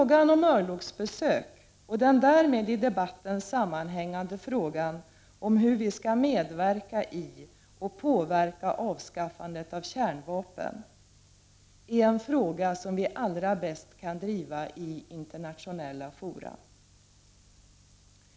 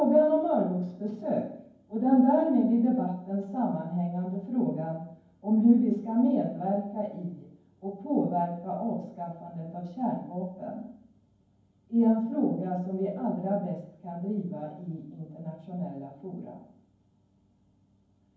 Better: first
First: none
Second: room echo; dies away in 0.9 s

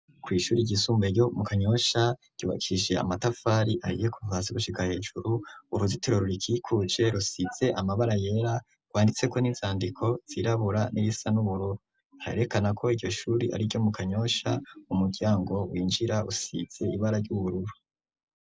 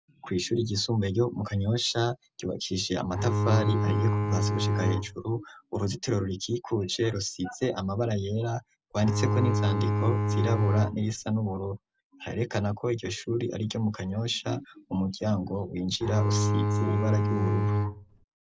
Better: first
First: none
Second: background sound (Bowed string instrument); 3 dB above the speech

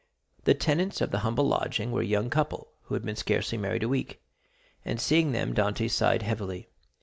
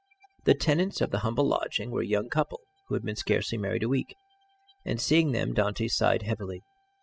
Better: first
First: none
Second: noise reduction (classical method spectral subtraction)

